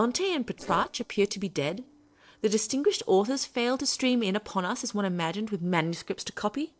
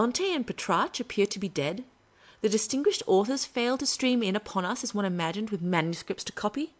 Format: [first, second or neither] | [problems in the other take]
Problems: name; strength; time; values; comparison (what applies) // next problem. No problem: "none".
second | noise reduction (neural separator model SepFormer DNS4)